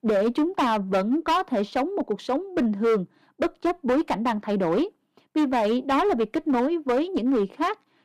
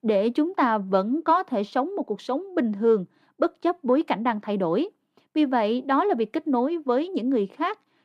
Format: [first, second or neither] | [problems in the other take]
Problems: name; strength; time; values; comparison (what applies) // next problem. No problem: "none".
second | distortion; slight; 11% of the sound clipped